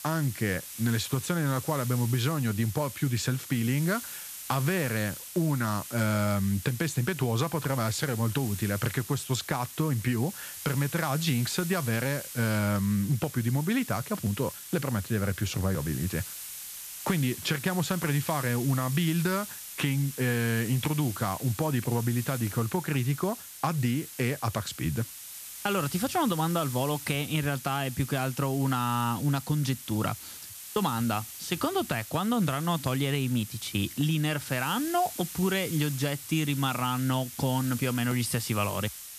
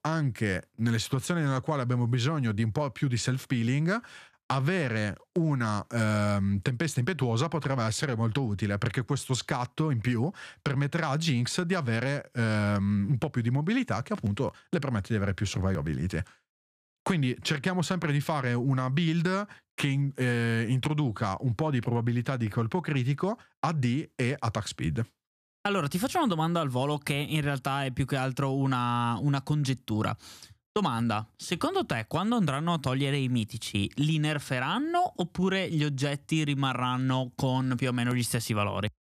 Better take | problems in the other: second | hiss; loud; throughout; 10 dB below the speech

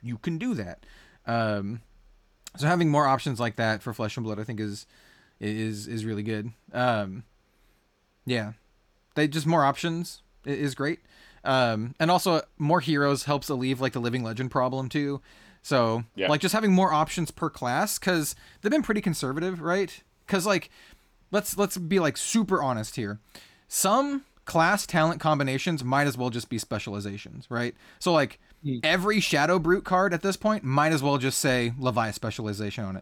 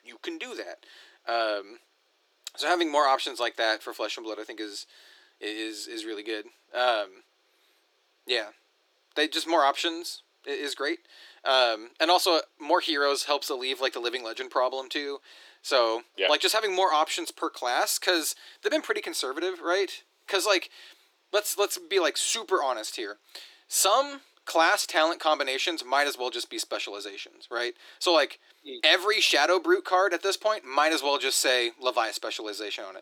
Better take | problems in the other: first | thin; very; fading below 350 Hz

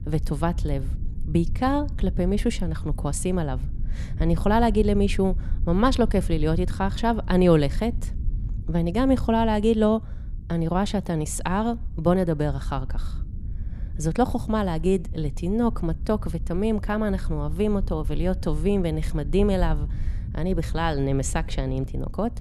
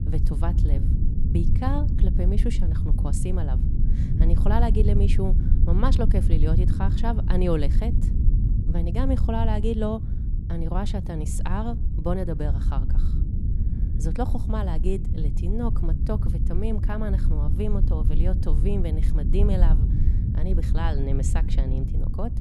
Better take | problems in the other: first | low rumble; loud; throughout; 7 dB below the speech; faint in the first

